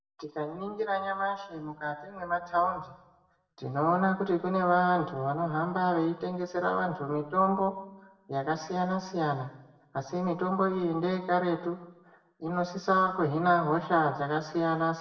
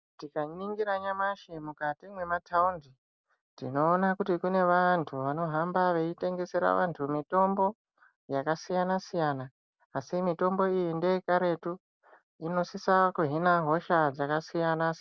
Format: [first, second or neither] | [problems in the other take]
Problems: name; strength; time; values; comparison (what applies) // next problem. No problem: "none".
second | room echo; dies away in 0.8 s